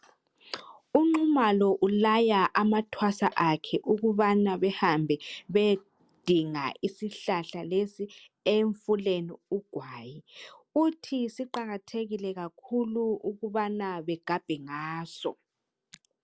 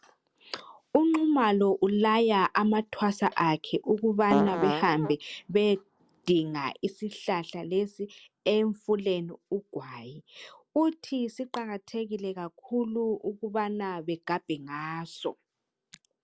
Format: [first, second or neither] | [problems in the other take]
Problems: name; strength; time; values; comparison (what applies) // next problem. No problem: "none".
first | background sound (Fart); 1 dB below the speech